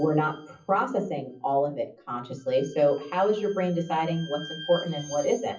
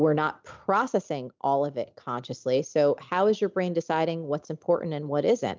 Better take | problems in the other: second | noise reduction (classical method WPE with log-MMSE)

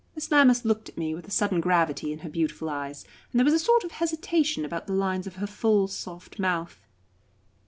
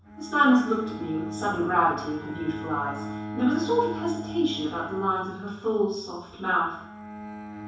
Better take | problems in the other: first | background sound (Bowed string instrument); 11 dB below the speech // room echo; dies away in 0.7 s

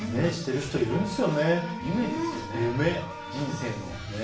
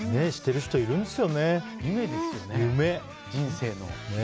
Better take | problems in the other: second | background sound (Wind instrument, woodwind instrument); 14 dB below the speech // room echo; dies away in 0.4 s

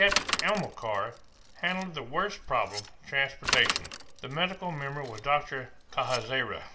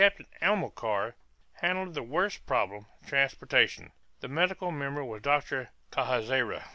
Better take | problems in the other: second | background sound (Bicycle); 6 dB below the speech // room echo; dies away in 0.5 s

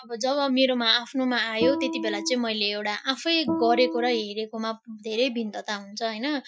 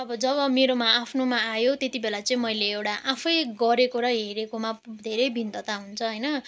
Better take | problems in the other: second | noise reduction (classical method Wiener filter)

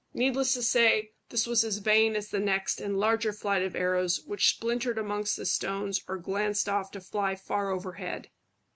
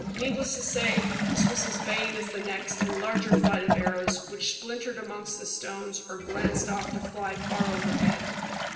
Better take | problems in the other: first | background sound (Toilet flush / Gurgling); 3 dB above the speech // room echo; dies away in 1.4 s

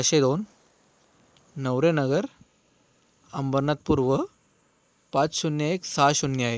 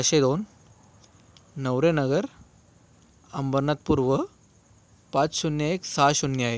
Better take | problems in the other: second | noise reduction (neural mask model Resemble Enhance denoiser)

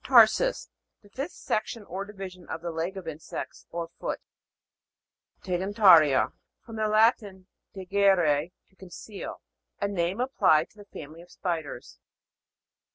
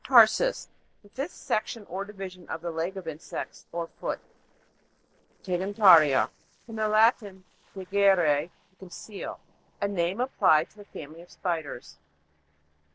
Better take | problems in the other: first | noise reduction (neural separator model SepFormer DNS4)

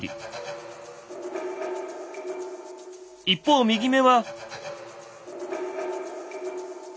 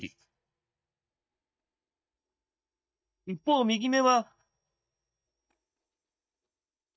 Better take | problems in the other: first | noise reduction (neural mask model DeepFilterNet 3)

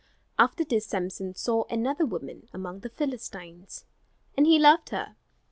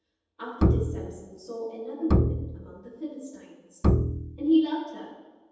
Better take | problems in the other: first | background sound (Bowed string instrument); 5 dB above the speech // room echo; dies away in 1.1 s

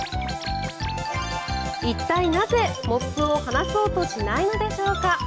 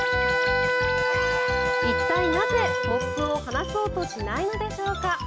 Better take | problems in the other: first | background sound (Wind instrument, woodwind instrument); 1 dB above the speech

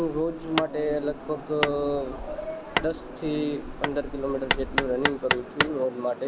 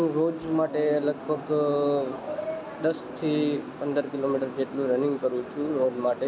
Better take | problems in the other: second | background sound (Hammer); 4 dB below the speech

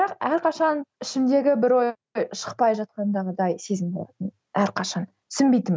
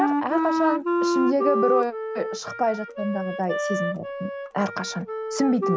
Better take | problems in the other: first | background sound (Wind instrument, woodwind instrument); as loud as the speech

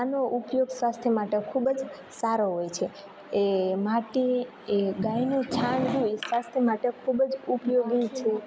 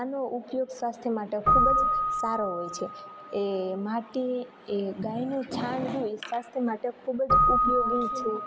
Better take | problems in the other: first | background sound (Keyboard (musical)); 1 dB above the speech

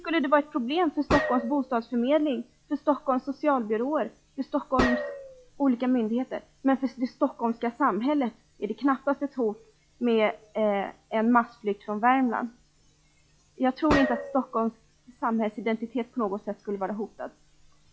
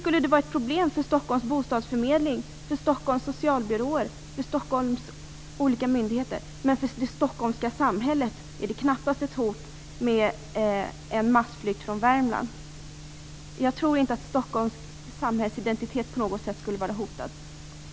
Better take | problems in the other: second | noise reduction (classical method log-MMSE)

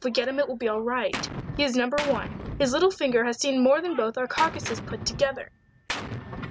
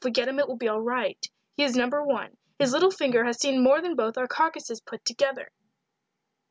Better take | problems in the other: second | background sound (Gunshot, gunfire); 11 dB below the speech

